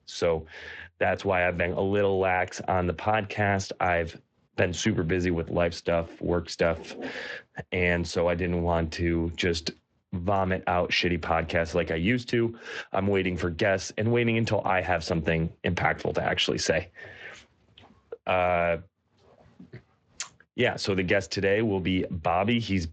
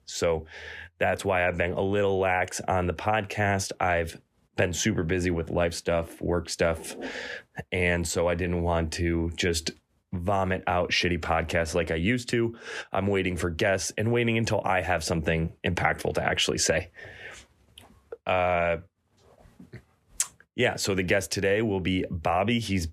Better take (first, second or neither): second